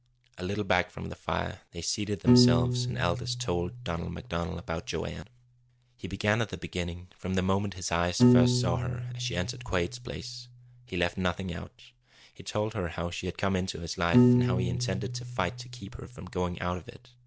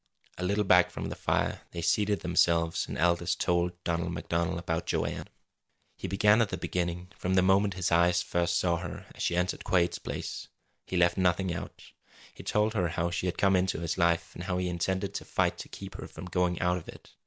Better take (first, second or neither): second